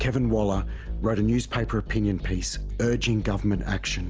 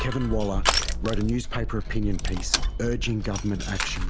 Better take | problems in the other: first | background sound (Crushing); as loud as the speech

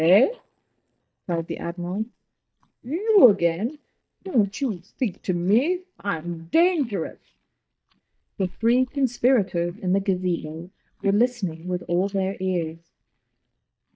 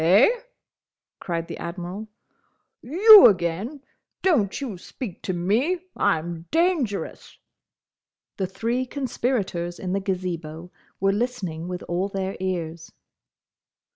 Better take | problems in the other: second | noise reduction (neural mask model DeepFilterNet 3)

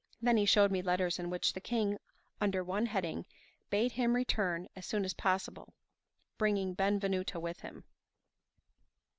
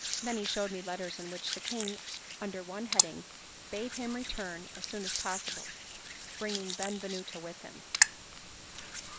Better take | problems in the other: first | noise reduction (neural mask model Resemble Enhance denoiser)

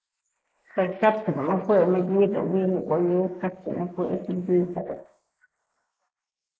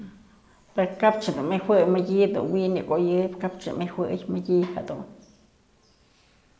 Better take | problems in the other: second | noise reduction (neural mask model Resemble Enhance denoiser)

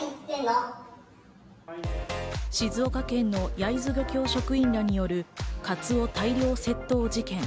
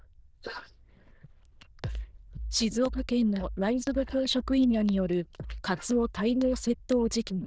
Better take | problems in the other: first | noise reduction (neural diffusion model UNIVERSE++)

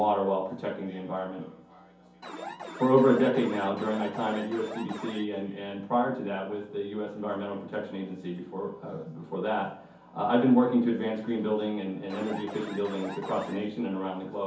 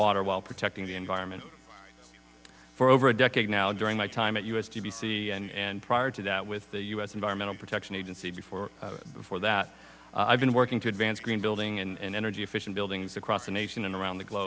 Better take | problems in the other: second | background sound (Alarm); 12 dB below the speech // room echo; dies away in 0.6 s

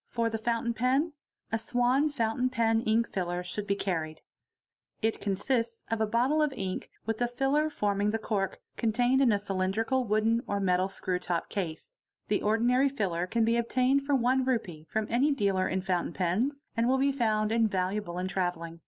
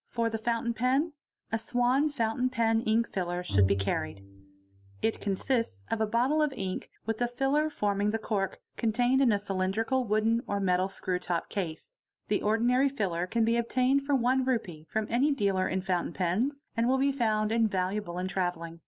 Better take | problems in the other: first | background sound (Bowed string instrument); 6 dB below the speech

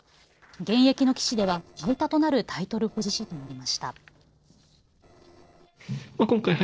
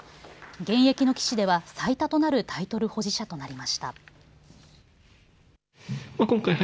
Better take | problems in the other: second | noise reduction (neural separator model SepFormer DNS4)

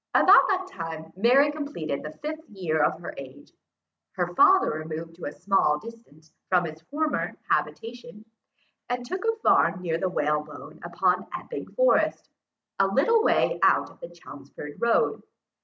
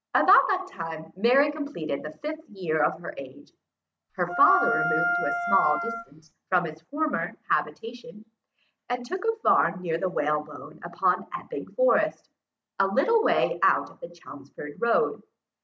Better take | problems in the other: first | background sound (Wind instrument, woodwind instrument); 1 dB below the speech

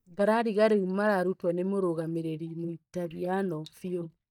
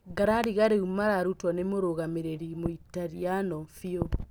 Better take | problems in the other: second | noise reduction (neural mask model DeepFilterNet 3)

